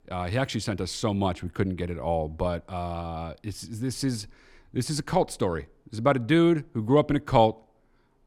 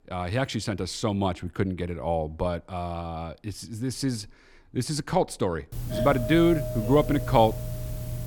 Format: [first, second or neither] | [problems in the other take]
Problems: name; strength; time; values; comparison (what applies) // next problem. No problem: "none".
first | doorbell; noticeable; from 5.5 s on; peak 3 dB below the speech